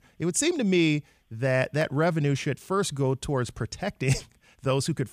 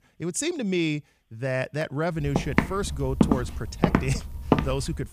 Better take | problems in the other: first | footsteps; loud; from 2.5 s on; peak 5 dB above the speech

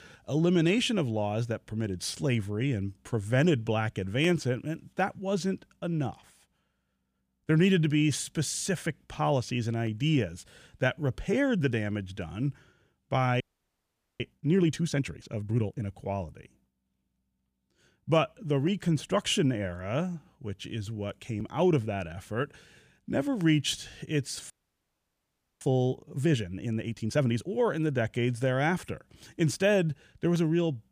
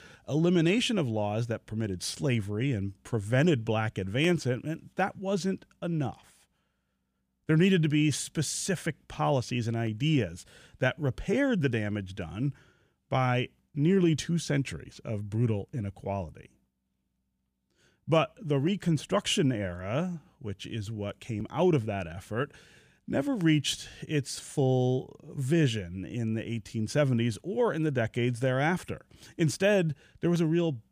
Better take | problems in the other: second | audio freezing; at 13 s for 1 s and at 25 s for 1 s

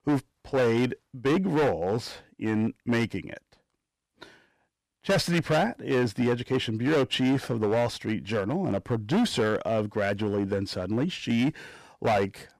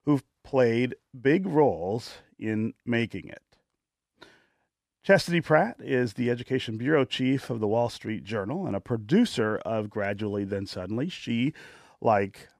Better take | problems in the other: second | distortion; heavy; 10% of the sound clipped

